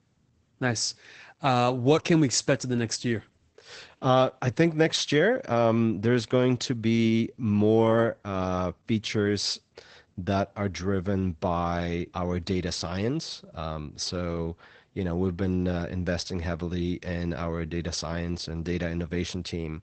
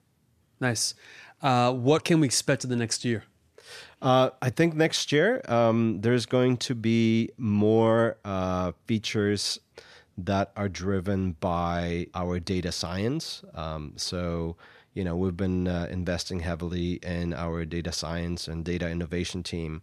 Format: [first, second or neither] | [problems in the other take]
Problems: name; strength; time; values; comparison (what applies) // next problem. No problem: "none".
second | garbled, watery; badly; nothing above 8 kHz